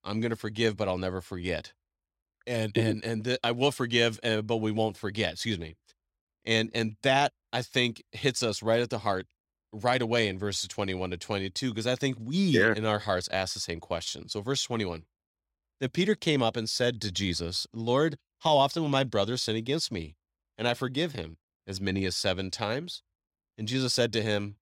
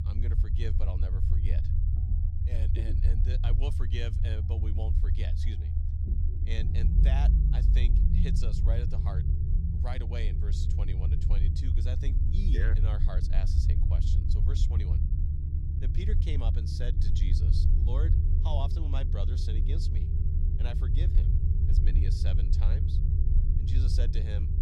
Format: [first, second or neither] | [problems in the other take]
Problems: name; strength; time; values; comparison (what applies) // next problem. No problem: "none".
first | low rumble; loud; throughout; 1 dB below the speech